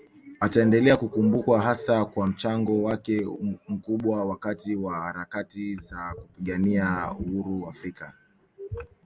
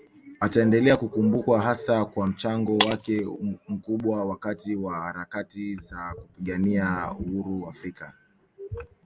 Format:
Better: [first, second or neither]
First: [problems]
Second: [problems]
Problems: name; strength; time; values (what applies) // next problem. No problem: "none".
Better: first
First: none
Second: background sound (Shatter); 10 dB below the speech